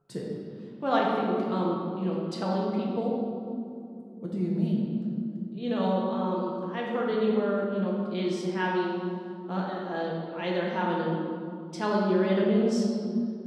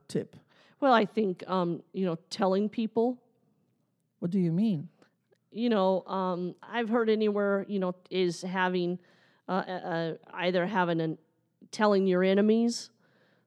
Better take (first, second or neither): second